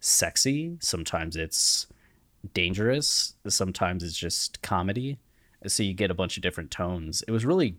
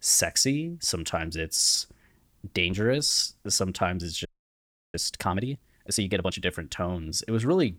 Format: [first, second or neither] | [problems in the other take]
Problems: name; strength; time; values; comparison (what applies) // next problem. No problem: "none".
first | audio freezing; at 4.5 s for 0.5 s